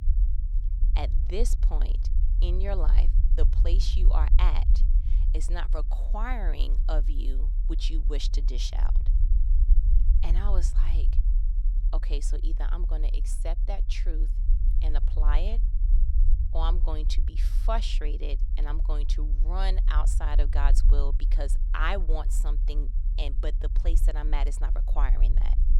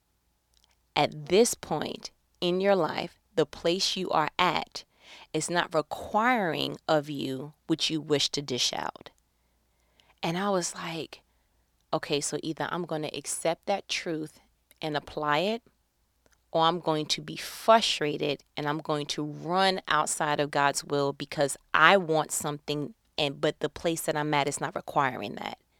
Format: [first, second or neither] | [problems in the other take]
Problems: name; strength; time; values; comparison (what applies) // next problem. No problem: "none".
second | low rumble; noticeable; throughout; 10 dB below the speech